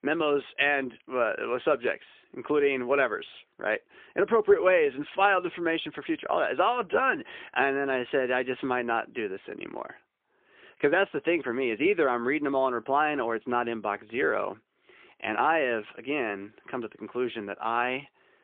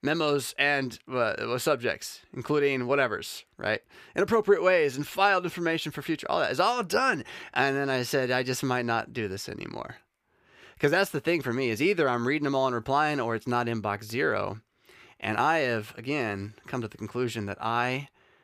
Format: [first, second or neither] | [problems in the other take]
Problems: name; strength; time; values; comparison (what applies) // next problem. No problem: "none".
second | phone-call audio; poor line